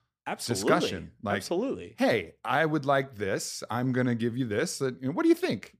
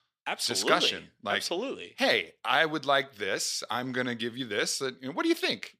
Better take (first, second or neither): first